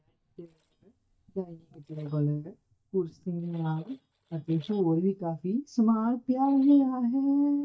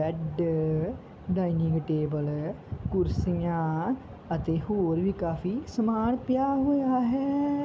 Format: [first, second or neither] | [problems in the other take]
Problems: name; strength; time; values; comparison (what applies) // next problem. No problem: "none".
second | noise reduction (neural mask model DeepFilterNet 3)